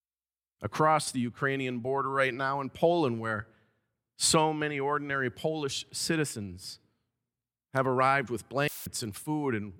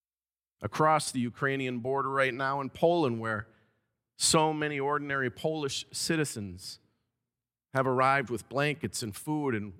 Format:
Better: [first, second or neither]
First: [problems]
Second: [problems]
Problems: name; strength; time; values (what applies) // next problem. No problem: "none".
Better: second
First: audio cutting out; filled with static; at 8.5 s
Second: none